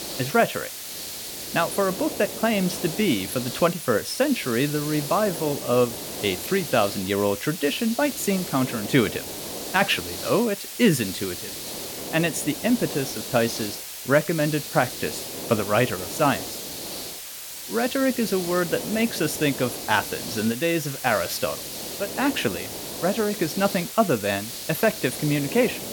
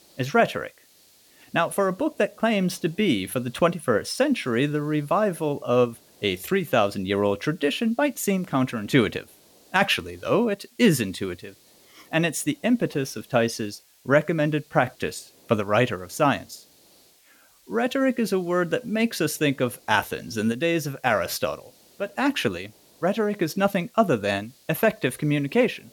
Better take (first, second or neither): second